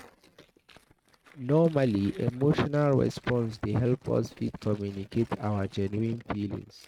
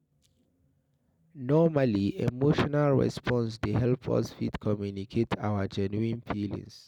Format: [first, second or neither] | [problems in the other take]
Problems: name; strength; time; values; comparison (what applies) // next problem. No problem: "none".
second | noise reduction (neural mask model RNNoise)